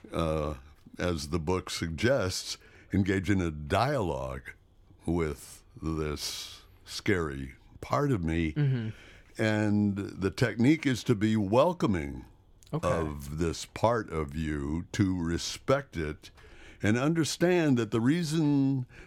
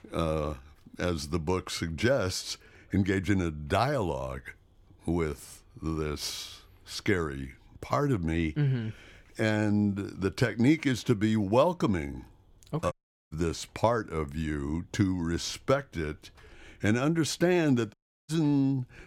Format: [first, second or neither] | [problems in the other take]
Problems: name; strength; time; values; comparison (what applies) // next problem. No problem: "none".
first | audio cutting out; at 13 s and at 18 s